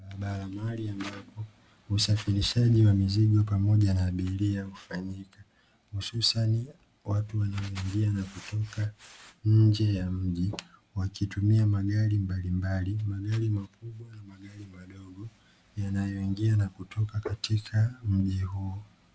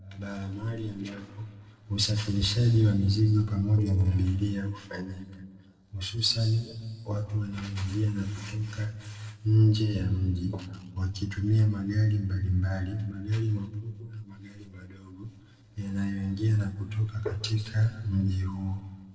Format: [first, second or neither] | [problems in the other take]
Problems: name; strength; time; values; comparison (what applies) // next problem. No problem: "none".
first | noise reduction (neural separator model SepFormer DNS4)